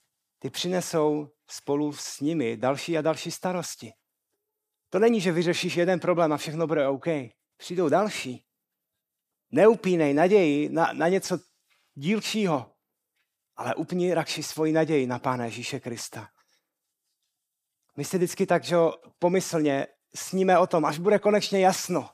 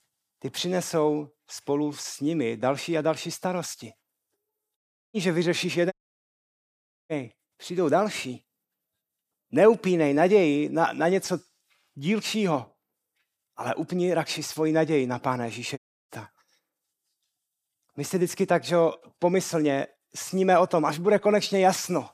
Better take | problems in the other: first | audio cutting out; at 5 s, at 6 s for 1 s and at 16 s

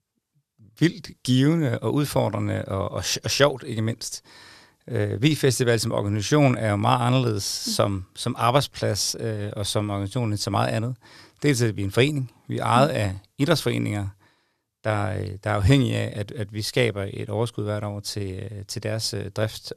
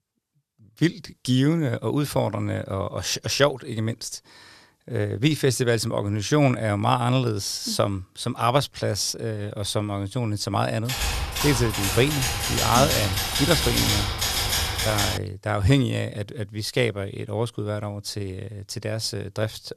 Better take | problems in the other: first | keyboard typing; loud; from 11 to 15 s; peak 3 dB above the speech

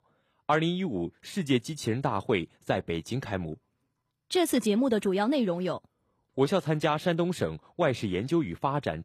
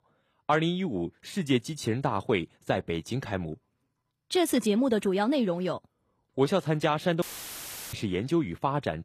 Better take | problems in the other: first | audio cutting out; filled with static; at 7 s for 0.5 s

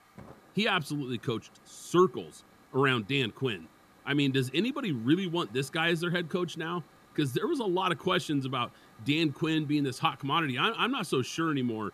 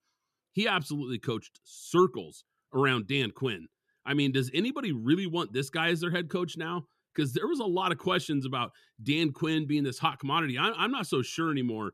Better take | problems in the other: second | hiss; faint; throughout; 30 dB below the speech

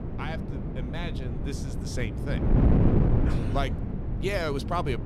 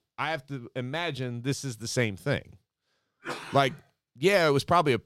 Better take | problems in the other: second | wind noise on the microphone; heavy; 2 dB below the speech

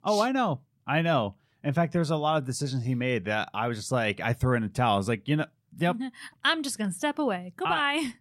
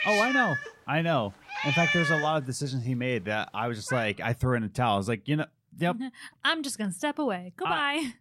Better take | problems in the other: first | animal sounds; very loud; until 4 s; 1 dB above the speech

